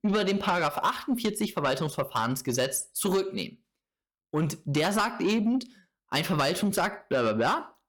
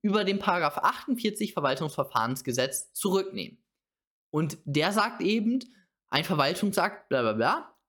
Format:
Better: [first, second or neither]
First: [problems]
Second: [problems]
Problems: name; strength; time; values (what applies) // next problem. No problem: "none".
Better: second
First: distortion; slight; 10 dB below the speech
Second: none